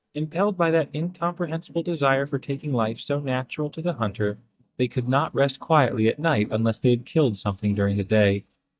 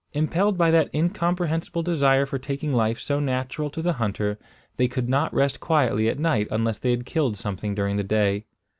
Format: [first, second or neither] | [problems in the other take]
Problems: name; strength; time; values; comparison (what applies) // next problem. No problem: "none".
second | noise reduction (neural mask model DeepFilterNet 3)